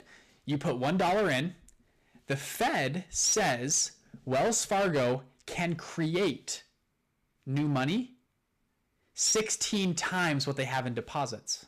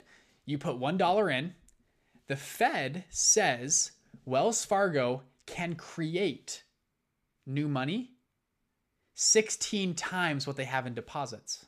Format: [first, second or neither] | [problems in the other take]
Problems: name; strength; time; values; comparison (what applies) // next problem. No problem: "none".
second | distortion; heavy; 10% of the sound clipped